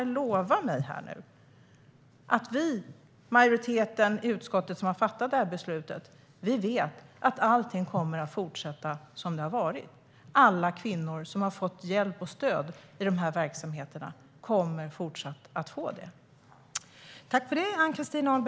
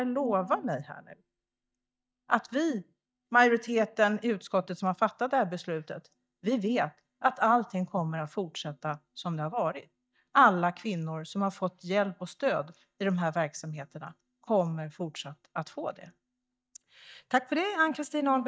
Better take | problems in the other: first | noise reduction (neural mask model DeepFilterNet 3)

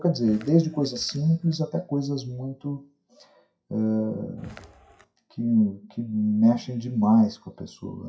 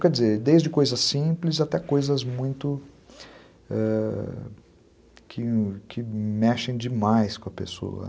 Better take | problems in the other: second | noise reduction (classical method WPE with log-MMSE)

